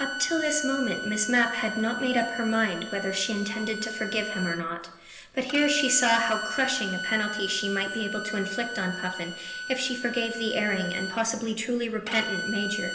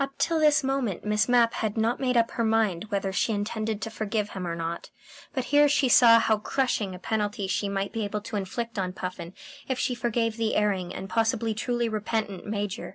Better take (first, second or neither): second